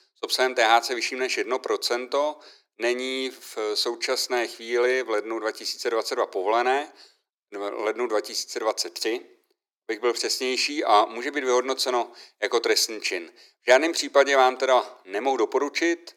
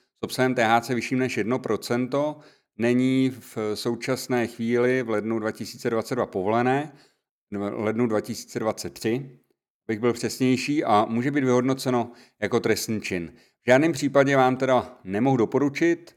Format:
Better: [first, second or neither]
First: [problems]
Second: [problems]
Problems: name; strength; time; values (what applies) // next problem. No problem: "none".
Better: second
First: thin; very; fading below 350 Hz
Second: none